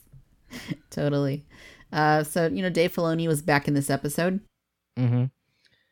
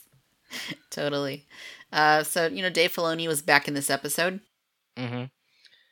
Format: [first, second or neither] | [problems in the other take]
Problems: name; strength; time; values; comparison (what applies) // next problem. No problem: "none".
first | thin; somewhat; fading below 900 Hz